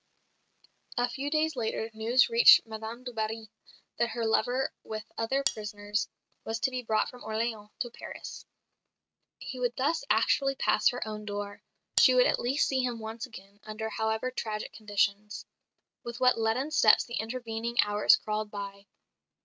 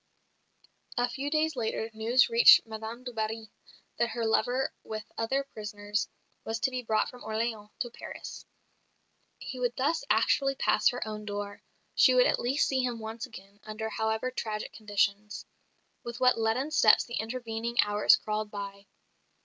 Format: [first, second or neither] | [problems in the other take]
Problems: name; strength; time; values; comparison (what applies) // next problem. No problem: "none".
second | noise reduction (neural mask model RNNoise)